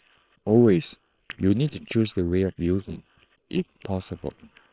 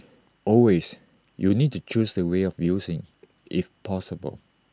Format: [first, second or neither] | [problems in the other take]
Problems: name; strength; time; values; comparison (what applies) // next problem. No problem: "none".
second | noise reduction (neural separator model SepFormer WHAM!)